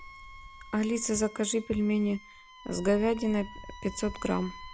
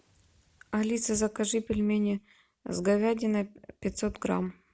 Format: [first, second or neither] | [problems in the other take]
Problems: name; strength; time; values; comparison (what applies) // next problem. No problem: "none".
second | background sound (Dog + Wind instrument, woodwind instrument); 16 dB below the speech